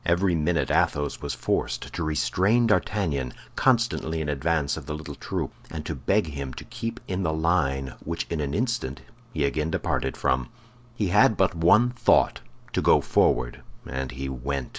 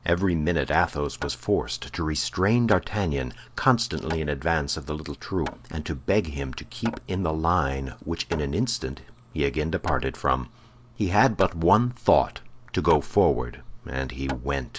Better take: first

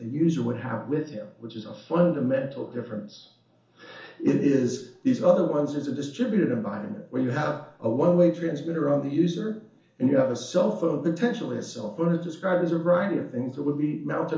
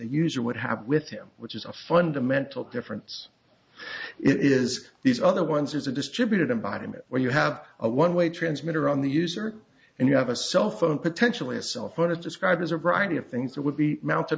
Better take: second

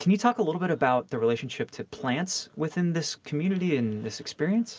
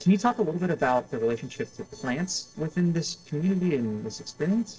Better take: first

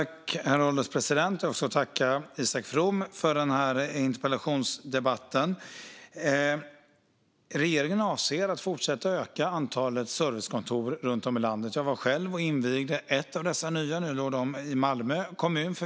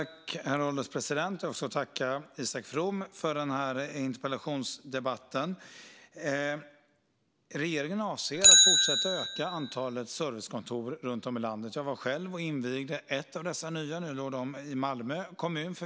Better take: first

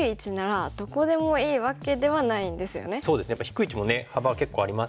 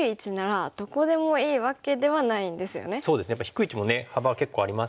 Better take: second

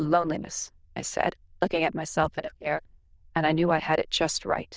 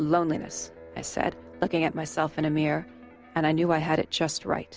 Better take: second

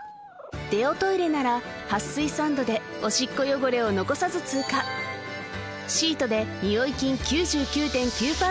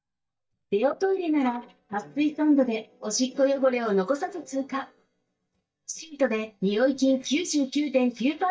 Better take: first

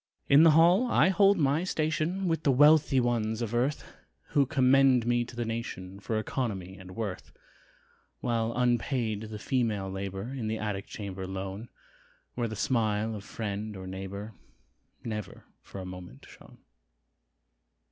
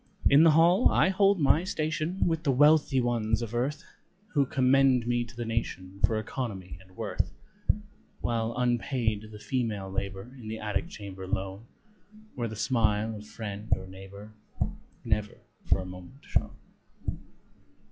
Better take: first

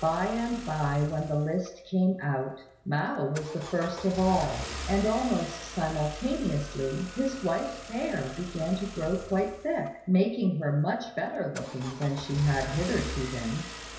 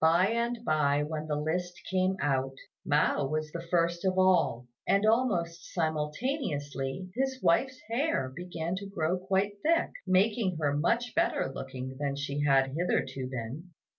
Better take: second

